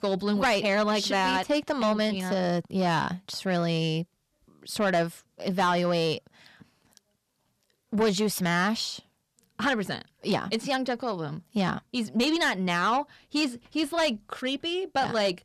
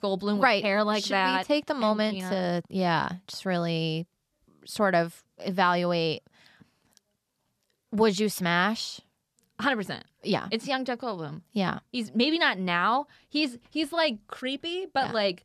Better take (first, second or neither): second